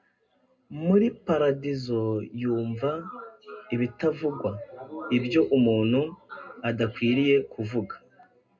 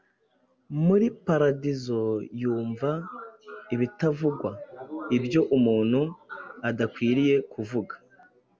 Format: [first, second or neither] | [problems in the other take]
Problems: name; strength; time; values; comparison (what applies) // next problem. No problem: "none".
second | room echo; dies away in 0.2 s